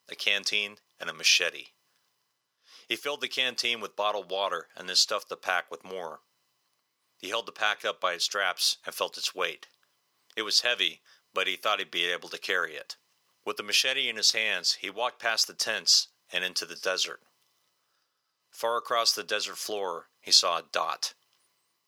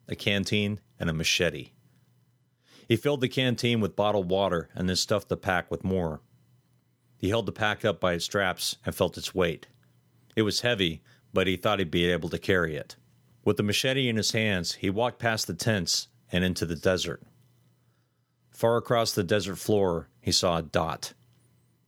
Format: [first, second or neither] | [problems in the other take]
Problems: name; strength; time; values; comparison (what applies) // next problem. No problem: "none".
second | thin; very; fading below 700 Hz